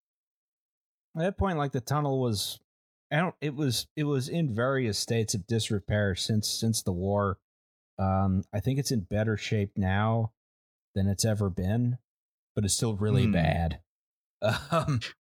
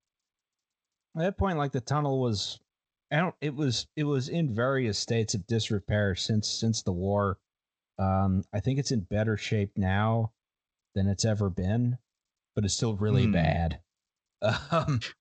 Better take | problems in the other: first | garbled, watery; slightly; nothing above 7.5 kHz

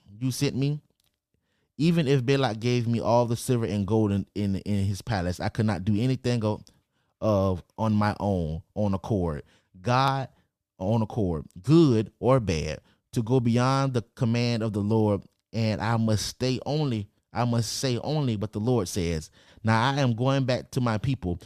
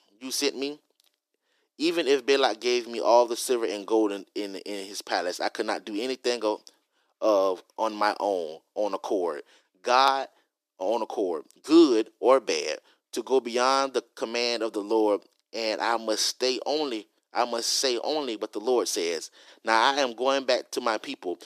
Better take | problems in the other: first | thin; very; fading below 300 Hz

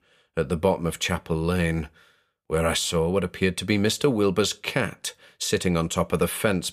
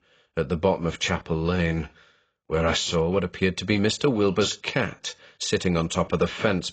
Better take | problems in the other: first | garbled, watery; badly; nothing above 7.5 kHz

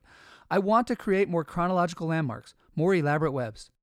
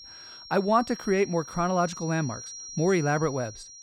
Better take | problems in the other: first | high-pitched whine; noticeable; throughout; 5.5 kHz, 15 dB below the speech

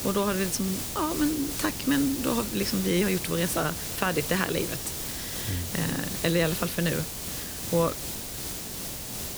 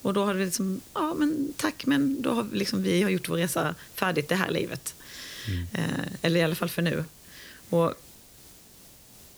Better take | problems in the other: second | hiss; loud; throughout; 4 dB below the speech; faint in the second

